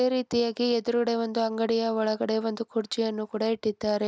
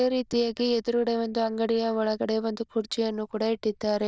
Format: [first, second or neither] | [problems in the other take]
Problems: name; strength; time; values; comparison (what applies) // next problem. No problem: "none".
first | noise reduction (neural diffusion model UNIVERSE++)